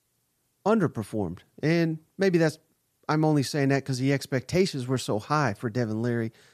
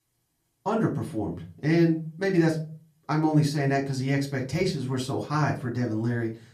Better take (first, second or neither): first